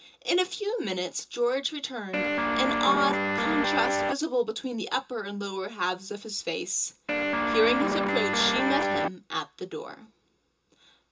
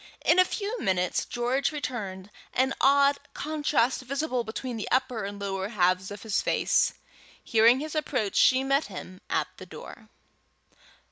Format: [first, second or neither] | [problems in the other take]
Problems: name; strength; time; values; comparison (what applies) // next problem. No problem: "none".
second | background sound (Guitar); 4 dB above the speech // room echo; dies away in 0.2 s